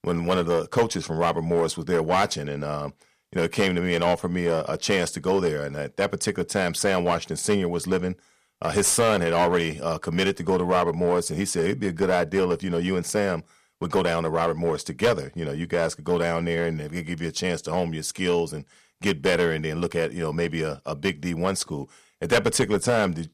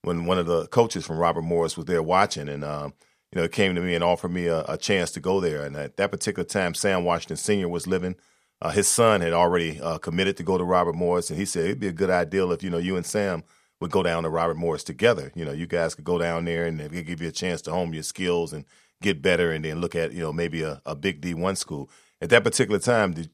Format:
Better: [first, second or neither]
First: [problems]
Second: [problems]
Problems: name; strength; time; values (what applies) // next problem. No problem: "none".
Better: second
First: distortion; slight; 5% of the sound clipped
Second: none